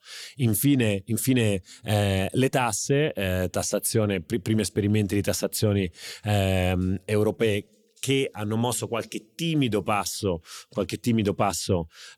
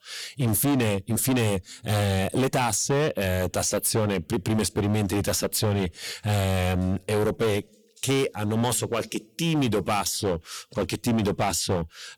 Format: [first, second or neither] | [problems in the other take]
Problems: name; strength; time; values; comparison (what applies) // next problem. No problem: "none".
first | distortion; heavy; 17% of the sound clipped